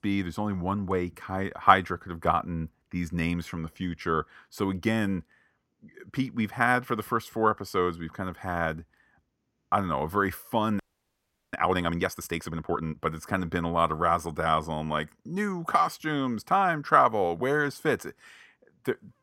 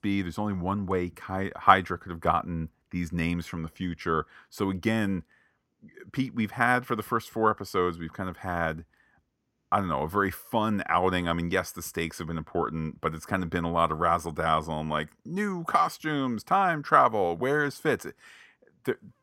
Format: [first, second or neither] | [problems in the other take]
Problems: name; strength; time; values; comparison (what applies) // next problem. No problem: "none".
second | audio freezing; at 11 s for 0.5 s